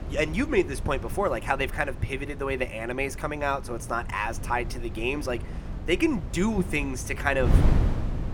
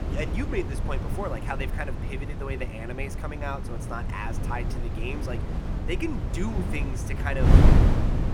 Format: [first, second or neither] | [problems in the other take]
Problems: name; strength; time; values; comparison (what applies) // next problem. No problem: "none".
first | wind noise on the microphone; heavy; 2 dB below the speech; occasional gusts in the first